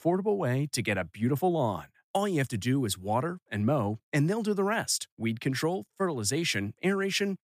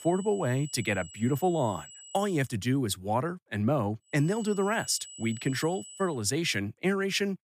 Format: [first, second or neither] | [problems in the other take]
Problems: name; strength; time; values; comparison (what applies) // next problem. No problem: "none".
first | high-pitched whine; noticeable; until 2.5 s and from 4 to 6 s; 8 kHz, 15 dB below the speech